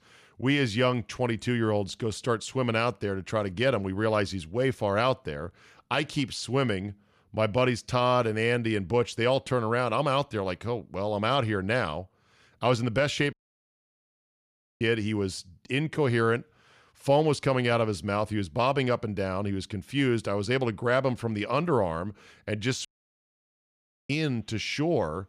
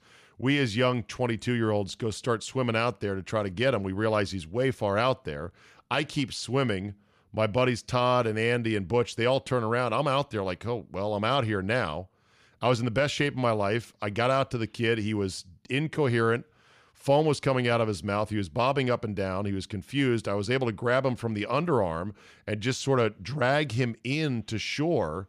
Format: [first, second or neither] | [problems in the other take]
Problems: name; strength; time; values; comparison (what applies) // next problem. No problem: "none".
second | audio cutting out; at 13 s for 1.5 s and at 23 s for 1 s